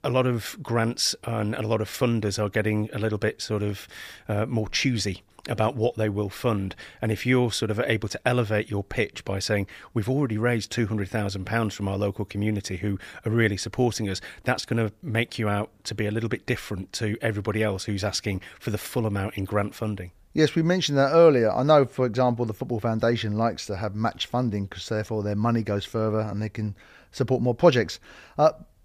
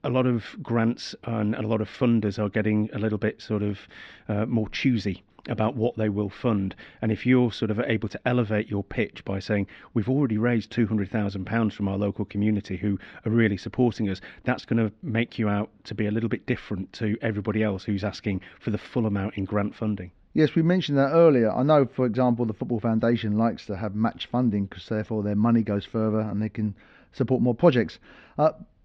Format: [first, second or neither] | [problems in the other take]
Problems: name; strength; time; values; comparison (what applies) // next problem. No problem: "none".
first | muffled; slightly; fading above 3.5 kHz